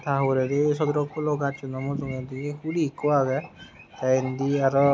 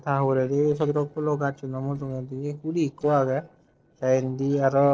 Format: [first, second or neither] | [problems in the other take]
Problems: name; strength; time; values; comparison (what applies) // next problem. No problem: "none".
first | noise reduction (neural separator model SepFormer DNS4)